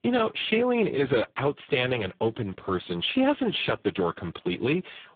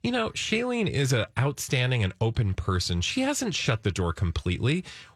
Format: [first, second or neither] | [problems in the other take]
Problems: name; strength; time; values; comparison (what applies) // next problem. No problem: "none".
second | phone-call audio; poor line